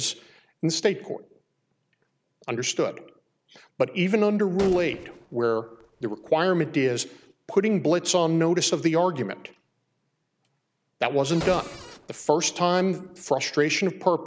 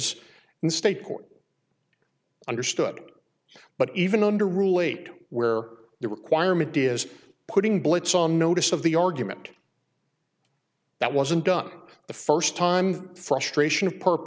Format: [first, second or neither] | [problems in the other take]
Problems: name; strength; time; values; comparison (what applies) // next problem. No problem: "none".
second | background sound (Cupboard open or close + Gunshot, gunfire); 16 dB below the speech